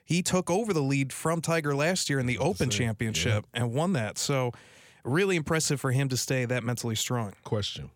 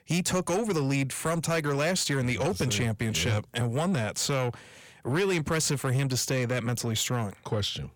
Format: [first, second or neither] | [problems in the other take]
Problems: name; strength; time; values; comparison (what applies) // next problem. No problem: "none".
first | distortion; slight; 10 dB below the speech